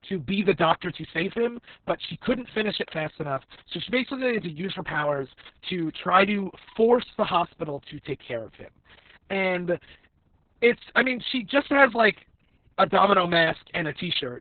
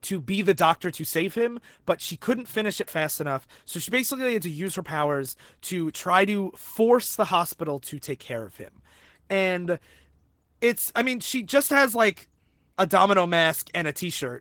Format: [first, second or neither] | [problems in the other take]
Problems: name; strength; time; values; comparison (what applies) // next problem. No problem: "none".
second | garbled, watery; badly; nothing above 4 kHz; slightly in the second